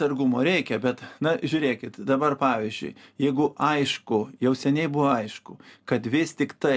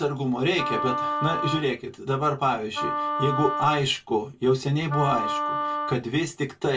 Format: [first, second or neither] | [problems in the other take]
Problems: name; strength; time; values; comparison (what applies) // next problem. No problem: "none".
first | background sound (Wind instrument, woodwind instrument); 4 dB below the speech // room echo; dies away in 0.1 s